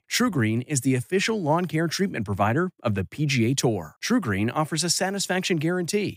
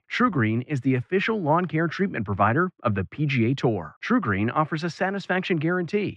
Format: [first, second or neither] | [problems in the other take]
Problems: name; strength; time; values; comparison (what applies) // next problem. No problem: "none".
first | muffled; very; fading above 3 kHz